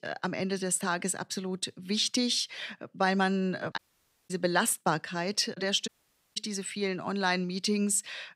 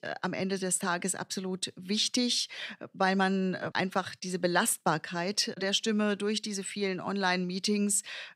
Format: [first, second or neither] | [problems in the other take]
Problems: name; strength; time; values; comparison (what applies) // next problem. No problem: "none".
second | audio cutting out; at 4 s for 0.5 s and at 6 s